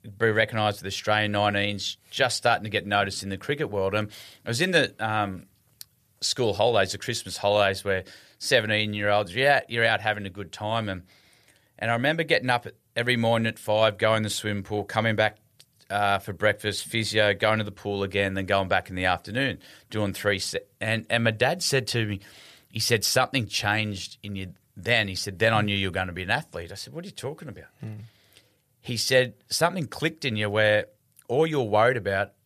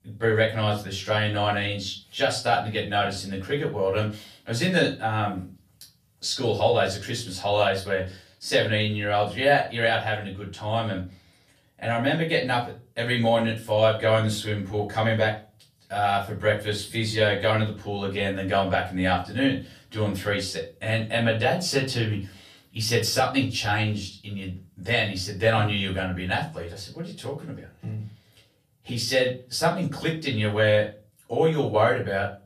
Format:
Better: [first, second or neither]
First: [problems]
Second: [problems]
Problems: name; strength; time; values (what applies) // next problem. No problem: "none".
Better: first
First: none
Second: off-mic speech; far // room echo; slight; dies away in 0.3 s